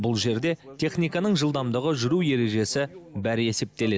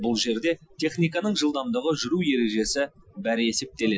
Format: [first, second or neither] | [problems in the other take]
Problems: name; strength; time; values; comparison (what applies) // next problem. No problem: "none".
first | noise reduction (classical method Wiener filter)